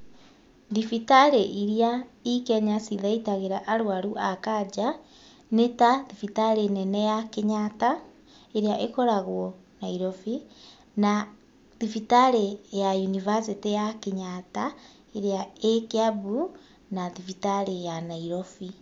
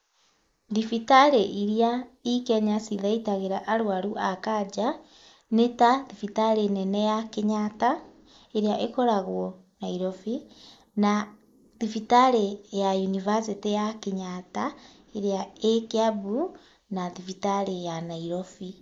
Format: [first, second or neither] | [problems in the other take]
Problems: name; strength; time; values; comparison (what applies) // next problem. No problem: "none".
first | noise reduction (neural mask model Resemble Enhance denoiser)